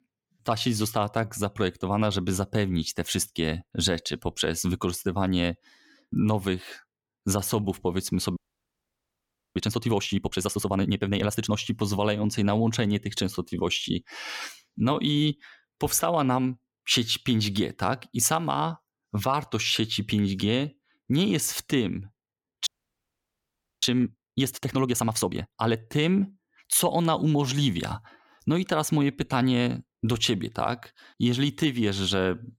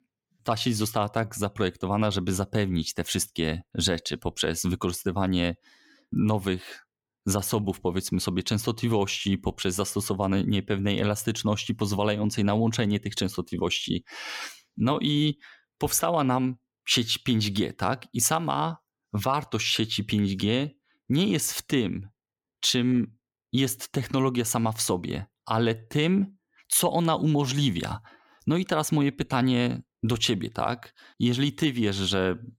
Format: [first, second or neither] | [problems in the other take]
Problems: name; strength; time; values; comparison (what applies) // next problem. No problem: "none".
second | audio freezing; at 8.5 s for 1 s and at 23 s for 1 s